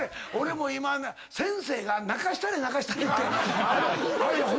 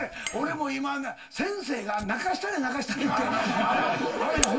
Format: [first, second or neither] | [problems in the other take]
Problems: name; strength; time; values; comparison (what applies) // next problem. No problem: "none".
first | background sound (Fire); 12 dB below the speech // room echo; dies away in 0.2 s